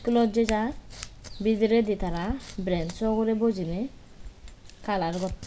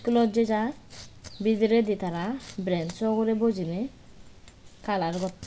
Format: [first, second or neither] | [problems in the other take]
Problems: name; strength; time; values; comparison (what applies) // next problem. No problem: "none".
second | background sound (Hands); 13 dB below the speech